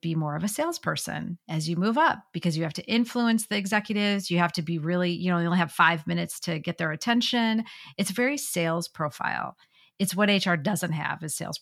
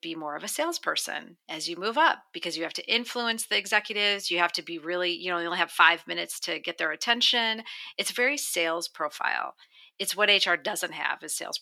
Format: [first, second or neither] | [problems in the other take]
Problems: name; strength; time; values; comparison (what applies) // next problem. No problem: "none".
first | thin; very; fading below 350 Hz